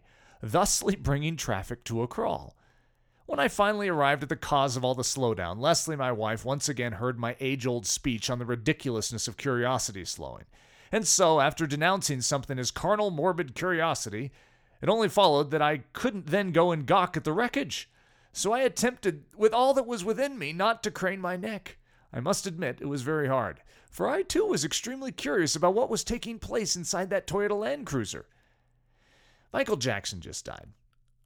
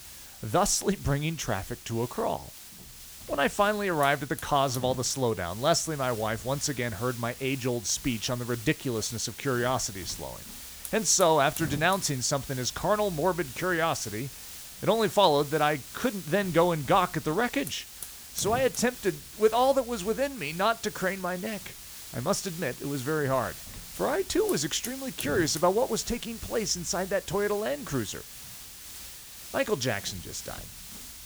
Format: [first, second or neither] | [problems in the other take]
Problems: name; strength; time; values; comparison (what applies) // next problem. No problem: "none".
first | hiss; noticeable; throughout; 15 dB below the speech